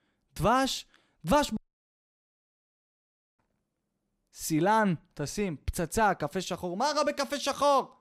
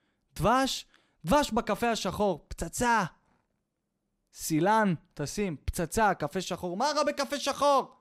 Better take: second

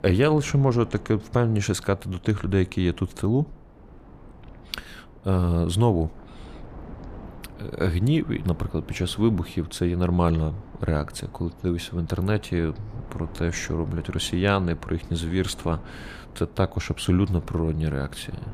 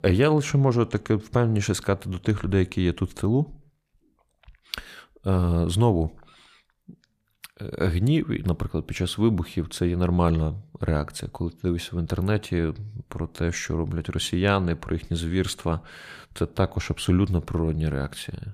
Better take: second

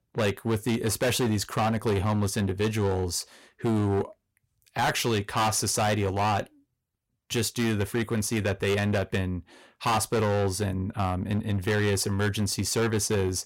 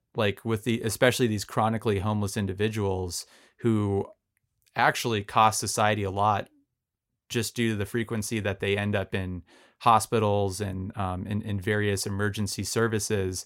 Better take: second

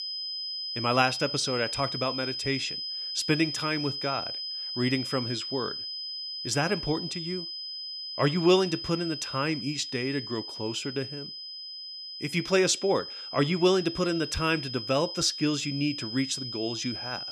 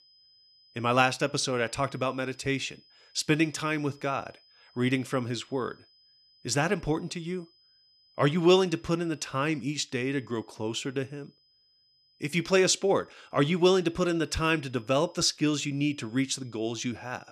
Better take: second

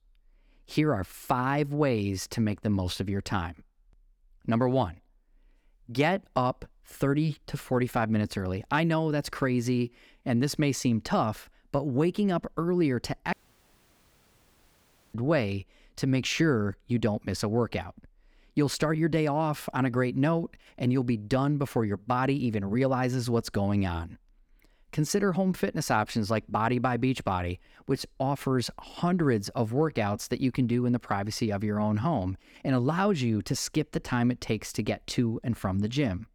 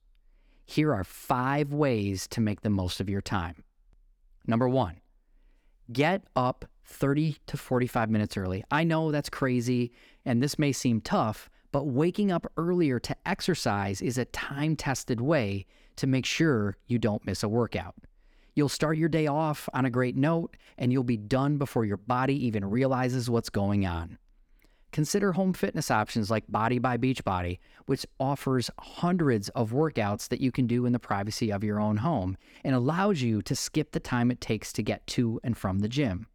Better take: second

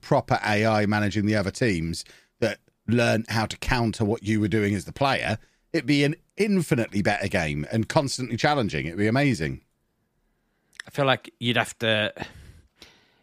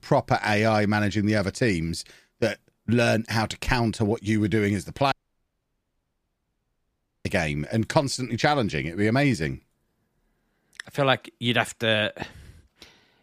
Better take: first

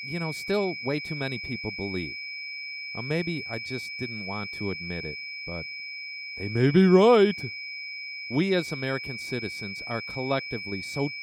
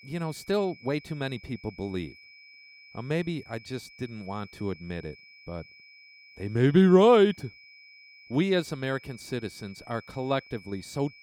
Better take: second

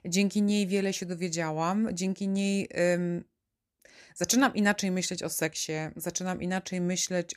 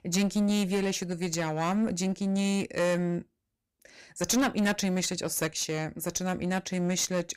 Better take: first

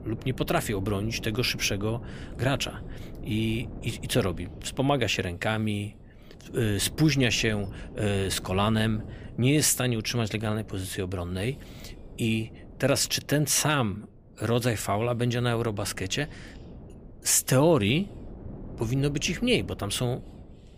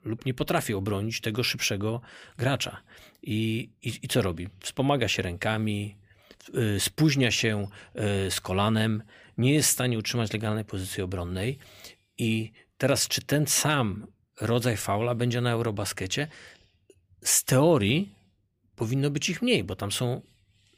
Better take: second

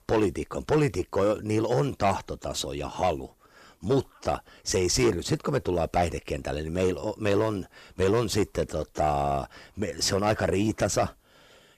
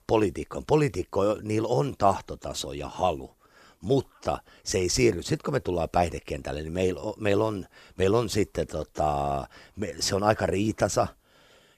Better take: second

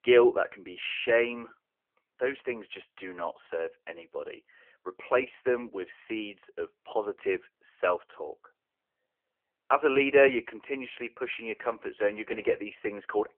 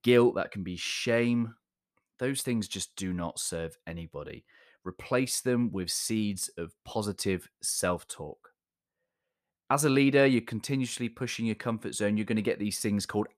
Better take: second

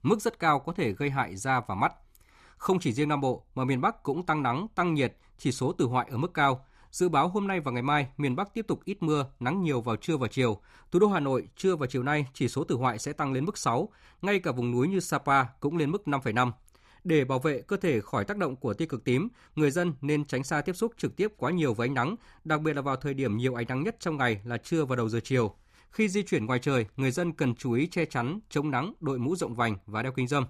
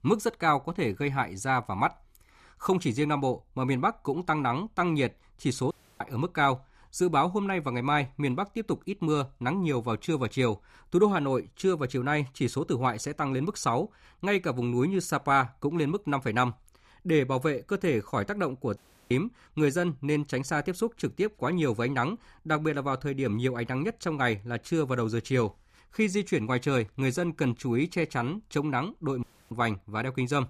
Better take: first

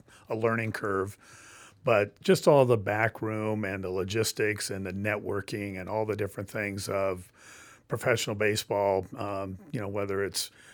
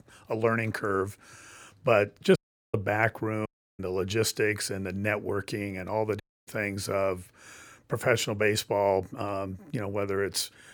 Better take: first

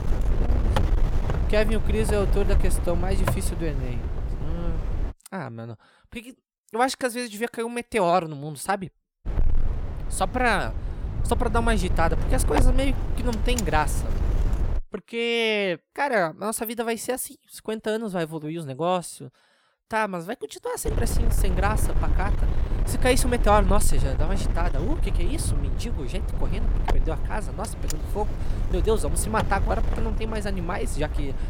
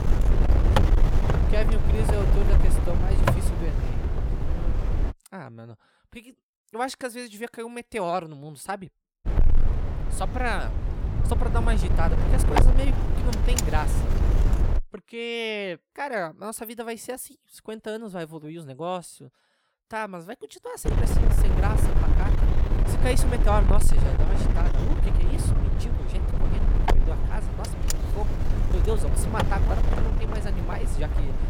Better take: first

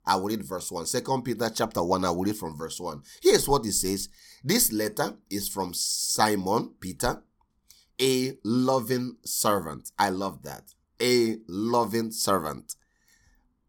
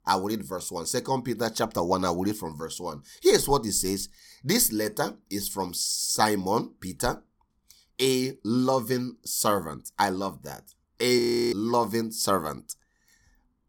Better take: first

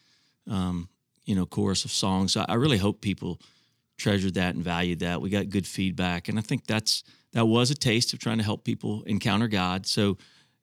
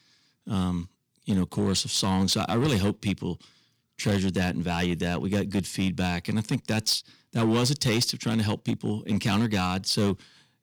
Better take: first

